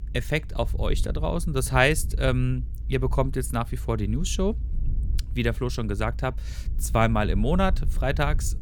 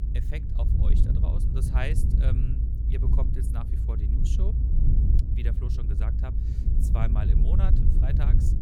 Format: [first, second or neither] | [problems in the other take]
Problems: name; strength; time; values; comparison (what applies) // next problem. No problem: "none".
first | low rumble; loud; throughout; 1 dB below the speech; faint in the first